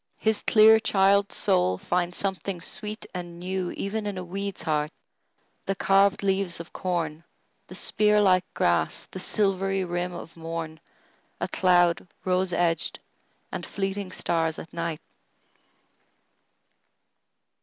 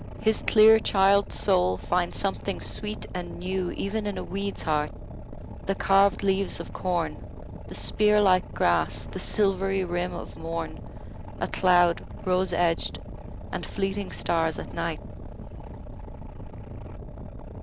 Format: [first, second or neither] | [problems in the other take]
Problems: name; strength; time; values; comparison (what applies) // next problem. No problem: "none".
first | background sound (Boat, Water vehicle); 10 dB below the speech